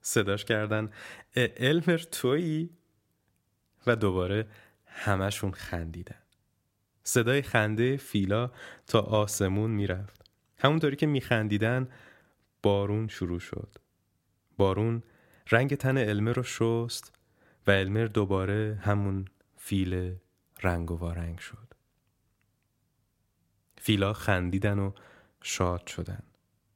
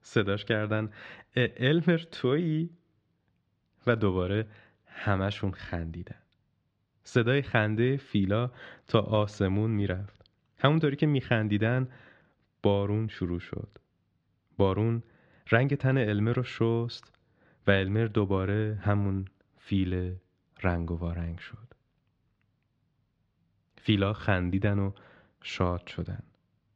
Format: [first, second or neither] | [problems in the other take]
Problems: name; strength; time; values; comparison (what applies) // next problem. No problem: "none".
first | muffled; slightly; fading above 4.5 kHz